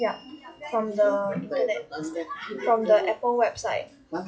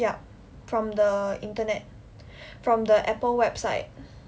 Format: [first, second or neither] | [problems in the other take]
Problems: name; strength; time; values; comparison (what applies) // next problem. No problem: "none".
second | noise reduction (classical method log-MMSE)